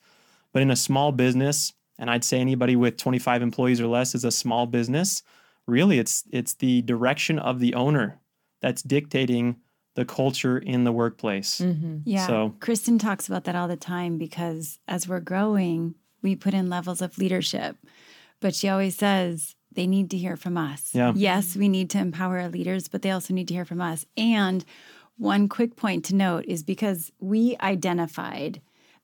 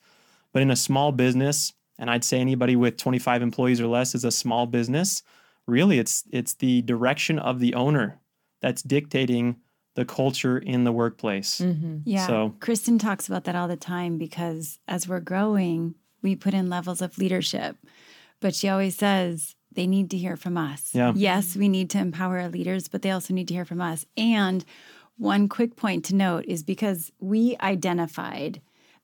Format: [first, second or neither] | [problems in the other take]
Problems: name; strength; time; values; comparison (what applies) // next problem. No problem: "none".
neither | none